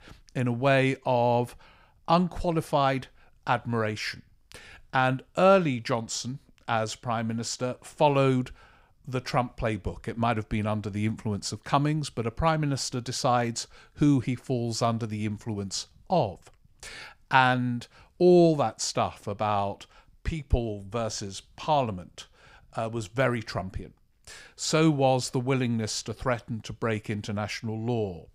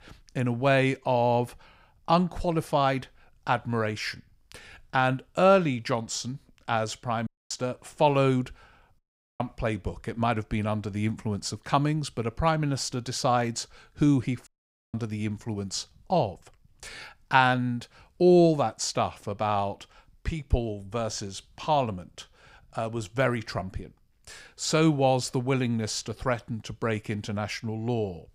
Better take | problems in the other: first | audio cutting out; at 7.5 s, at 9 s and at 14 s

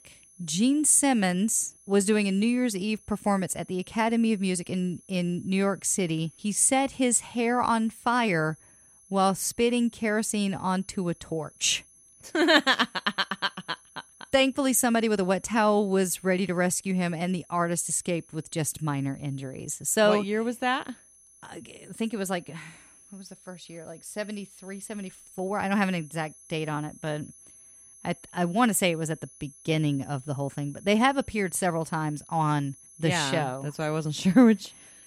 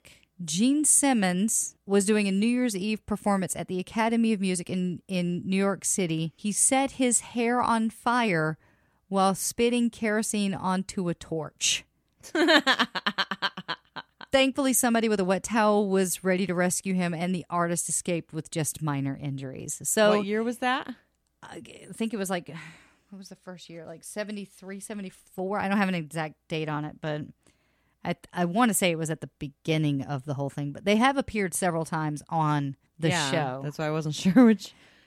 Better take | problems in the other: second | high-pitched whine; faint; throughout; 11 kHz, 25 dB below the speech

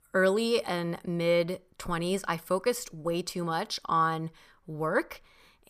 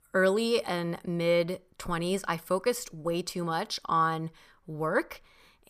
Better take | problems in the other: neither | none

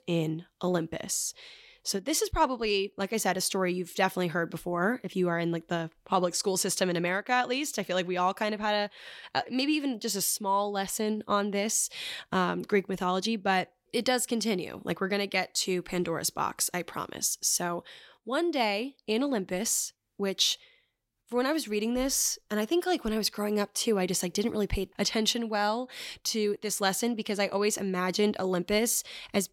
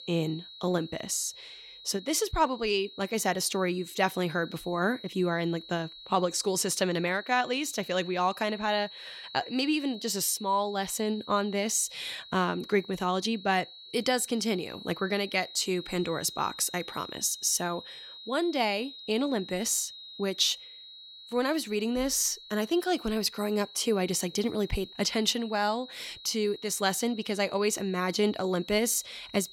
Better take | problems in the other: first | high-pitched whine; noticeable; throughout; 4 kHz, 15 dB below the speech

